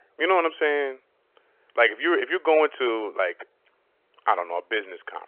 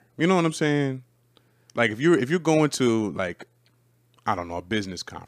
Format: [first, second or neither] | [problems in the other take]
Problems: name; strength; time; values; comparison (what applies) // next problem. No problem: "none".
second | phone-call audio; nothing above 3 kHz